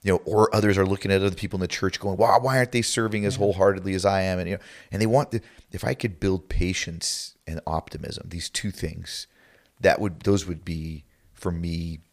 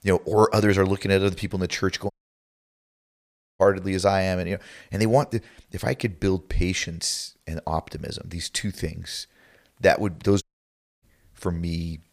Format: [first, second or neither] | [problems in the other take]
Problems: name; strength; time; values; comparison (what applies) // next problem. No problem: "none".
first | audio cutting out; at 2 s for 1.5 s and at 10 s for 0.5 s